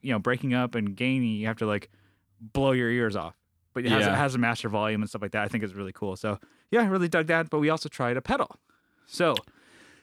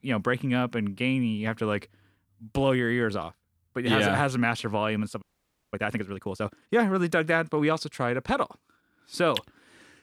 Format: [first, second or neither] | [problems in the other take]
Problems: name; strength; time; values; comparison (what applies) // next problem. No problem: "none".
first | audio freezing; at 5 s for 0.5 s